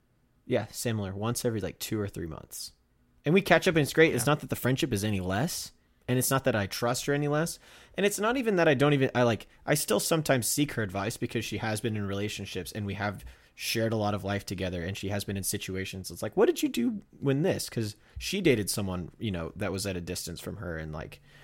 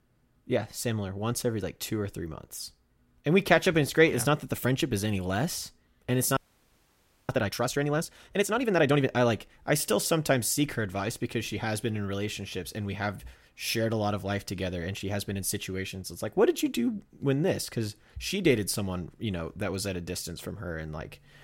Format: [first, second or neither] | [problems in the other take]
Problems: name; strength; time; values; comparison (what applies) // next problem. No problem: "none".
first | audio freezing; at 6.5 s for 1 s